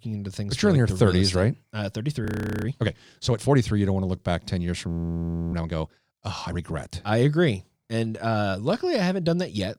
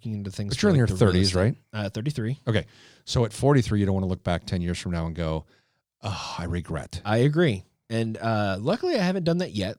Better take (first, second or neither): second